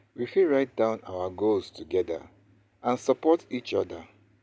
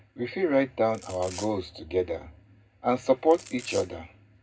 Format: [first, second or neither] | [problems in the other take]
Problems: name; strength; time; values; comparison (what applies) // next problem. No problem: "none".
first | background sound (Domestic sounds, home sounds); 17 dB below the speech // room echo; dies away in 0.3 s